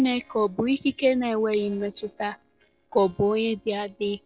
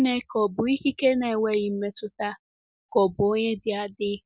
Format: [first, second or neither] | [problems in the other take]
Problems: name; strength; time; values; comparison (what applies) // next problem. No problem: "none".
second | noise reduction (neural separator model SepFormer DNS4)